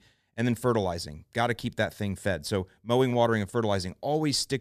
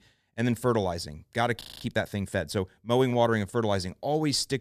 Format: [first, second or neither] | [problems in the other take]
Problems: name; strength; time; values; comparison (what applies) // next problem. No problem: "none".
first | audio freezing; at 1.5 s